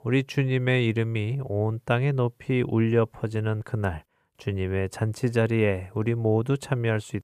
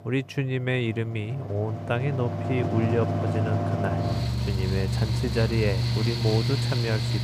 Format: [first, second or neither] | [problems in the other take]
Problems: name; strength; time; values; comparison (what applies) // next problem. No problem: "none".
first | machinery noise; very loud; throughout; 1 dB above the speech